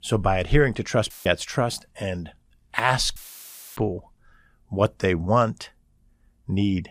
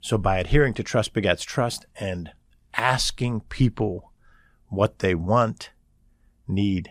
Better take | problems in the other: second | audio cutting out; filled with static; at 1 s and at 3 s for 0.5 s

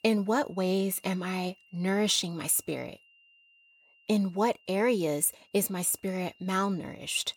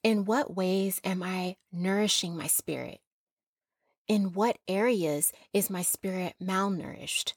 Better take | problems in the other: second | high-pitched whine; faint; throughout; 3 kHz, 30 dB below the speech

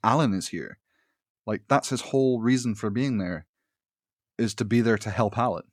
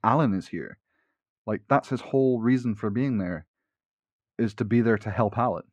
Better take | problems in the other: first | muffled; very; fading above 3.5 kHz

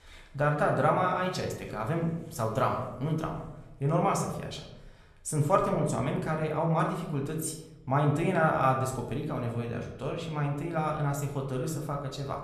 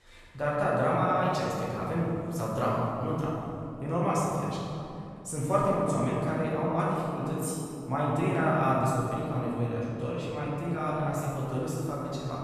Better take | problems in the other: first | room echo; strong; dies away in 2.6 s; slight in the first // off-mic speech; far; somewhat distant in the first

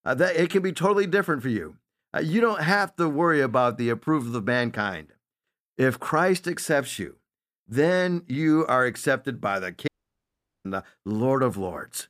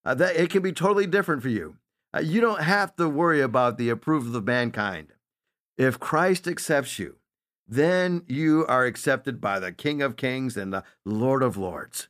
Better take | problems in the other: second | audio cutting out; at 10 s for 1 s

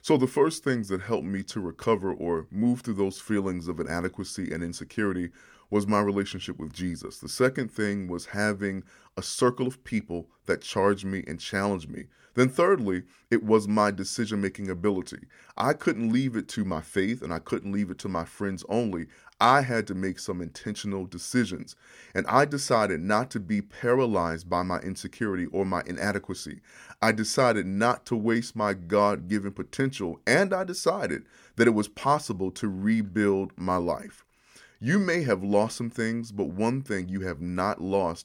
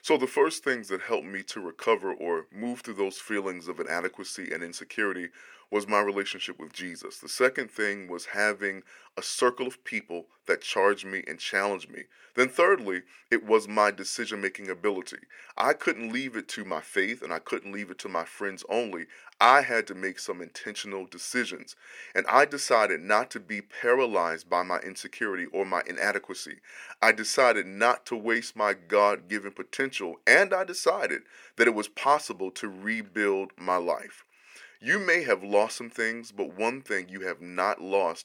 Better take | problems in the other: first | thin; somewhat; fading below 450 Hz

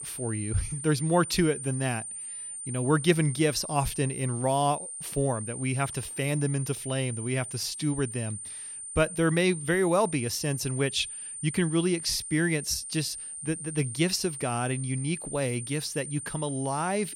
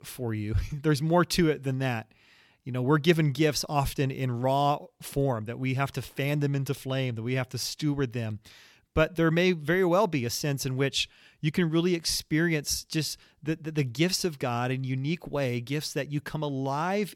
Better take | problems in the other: second | high-pitched whine; loud; throughout; 9 kHz, 7 dB below the speech

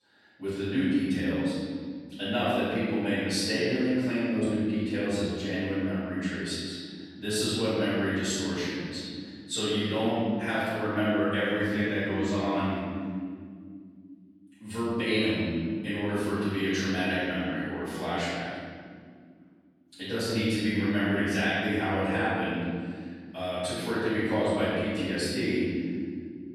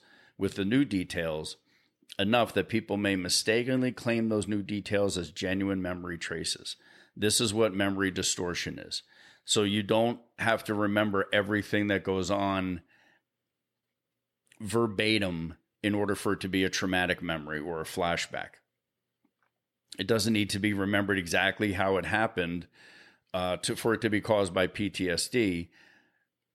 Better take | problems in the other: second | off-mic speech; far // room echo; strong; dies away in 2.2 s

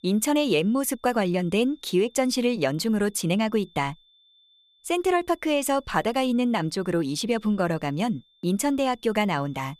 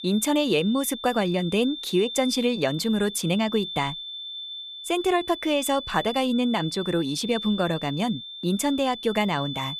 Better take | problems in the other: first | high-pitched whine; loud; throughout; 3.5 kHz, 9 dB below the speech; faint in the first

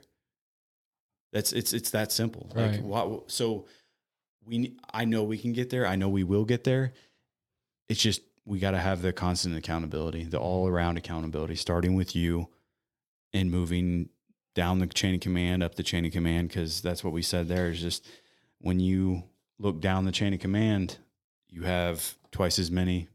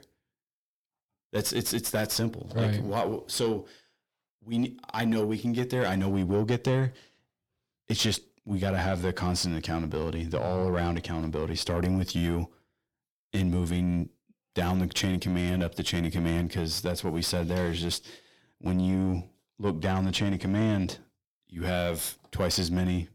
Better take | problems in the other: first | distortion; slight; 9 dB below the speech

